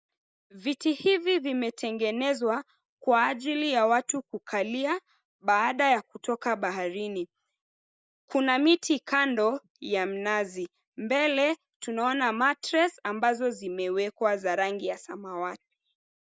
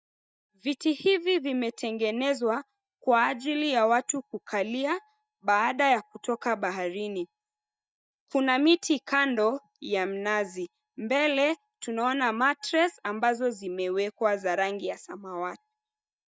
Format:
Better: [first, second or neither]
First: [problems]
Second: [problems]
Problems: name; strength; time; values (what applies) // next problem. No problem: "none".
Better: first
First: none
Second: noise reduction (neural mask model DeepFilterNet 3)